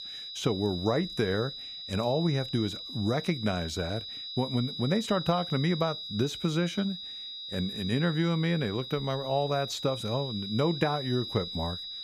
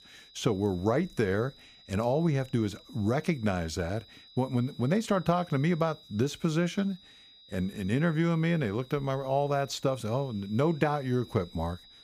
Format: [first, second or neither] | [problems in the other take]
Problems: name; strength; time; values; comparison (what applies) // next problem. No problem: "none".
second | high-pitched whine; loud; throughout; 4 kHz, 7 dB below the speech; faint in the second